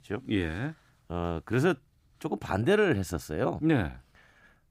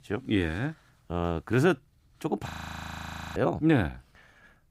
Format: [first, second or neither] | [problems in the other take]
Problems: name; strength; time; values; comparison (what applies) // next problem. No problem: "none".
first | audio freezing; at 2.5 s for 1 s